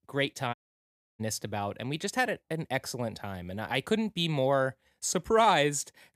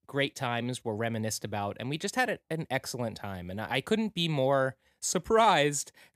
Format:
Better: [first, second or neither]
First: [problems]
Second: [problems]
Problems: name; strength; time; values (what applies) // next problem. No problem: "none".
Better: second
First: audio cutting out; at 0.5 s for 0.5 s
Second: none